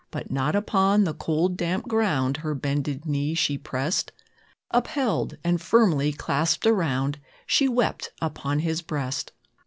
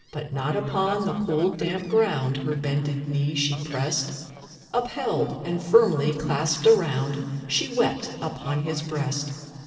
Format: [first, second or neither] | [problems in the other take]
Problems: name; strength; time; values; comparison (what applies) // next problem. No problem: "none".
first | noise reduction (neural separator model SepFormer DNS4)